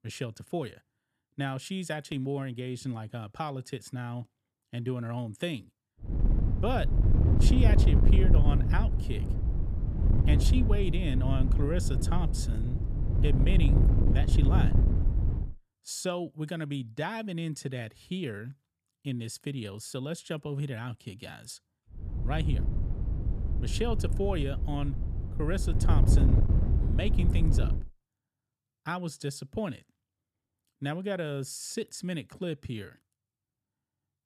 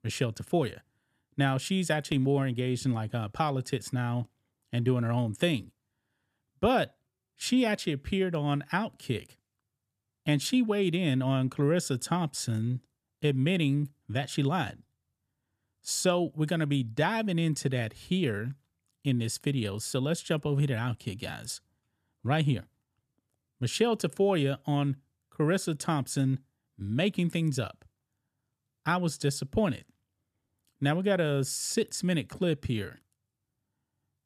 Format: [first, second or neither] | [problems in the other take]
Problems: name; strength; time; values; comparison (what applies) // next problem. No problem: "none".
second | wind noise on the microphone; heavy; from 6 to 15 s and from 22 to 28 s; 3 dB below the speech